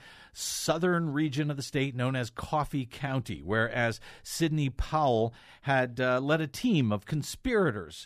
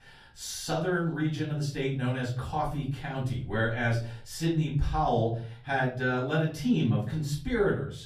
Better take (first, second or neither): first